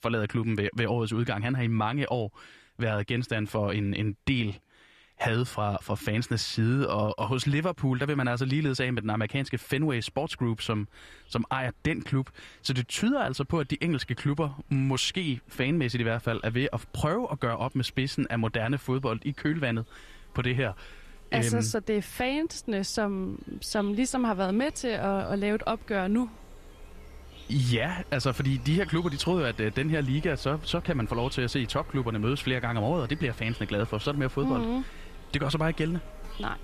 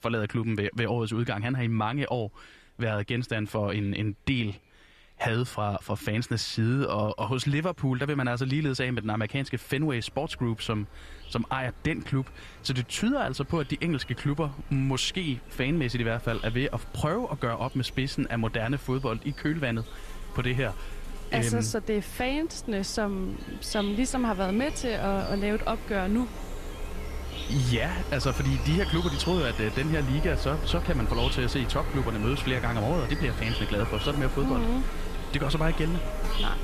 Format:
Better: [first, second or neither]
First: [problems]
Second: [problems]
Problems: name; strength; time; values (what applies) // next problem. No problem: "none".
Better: first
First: animal sounds; faint; throughout; 20 dB below the speech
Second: animal sounds; loud; throughout; 8 dB below the speech